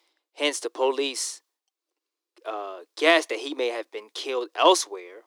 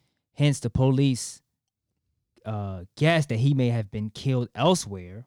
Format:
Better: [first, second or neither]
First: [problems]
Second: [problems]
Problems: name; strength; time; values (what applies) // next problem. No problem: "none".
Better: second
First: thin; very; fading below 300 Hz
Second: none